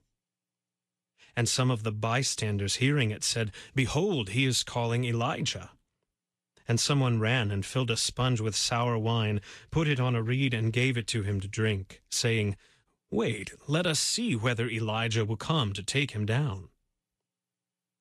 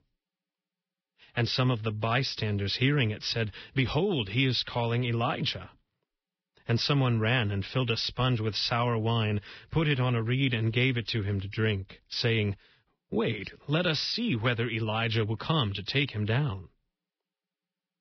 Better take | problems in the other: first | garbled, watery; badly; nothing above 5.5 kHz; slightly in the first

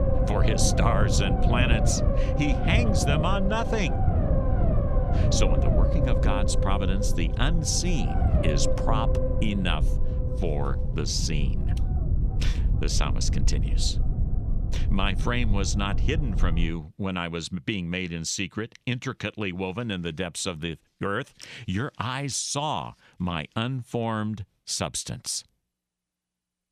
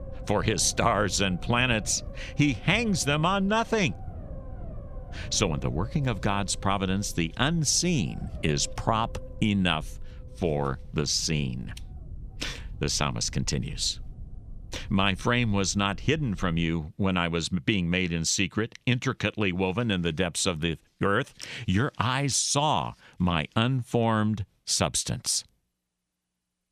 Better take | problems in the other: second | low rumble; loud; until 17 s; 4 dB below the speech; faint in the second

